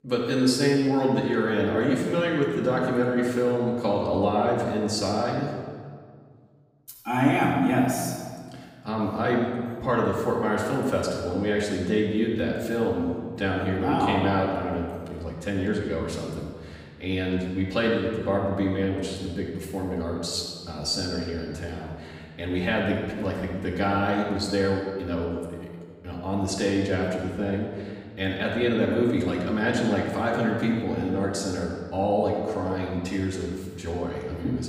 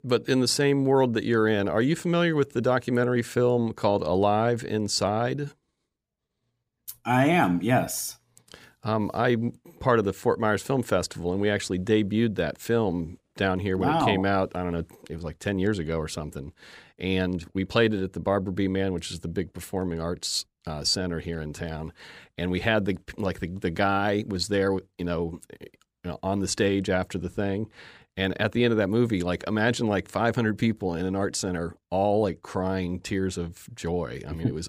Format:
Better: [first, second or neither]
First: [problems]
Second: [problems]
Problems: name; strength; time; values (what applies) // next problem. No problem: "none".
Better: second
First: room echo; noticeable; dies away in 1.5 s // off-mic speech; far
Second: none